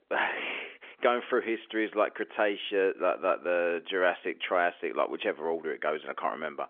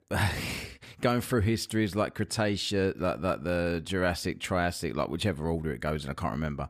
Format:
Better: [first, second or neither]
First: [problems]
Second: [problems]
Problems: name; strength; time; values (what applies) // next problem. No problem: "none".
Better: second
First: phone-call audio; nothing above 3.5 kHz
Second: none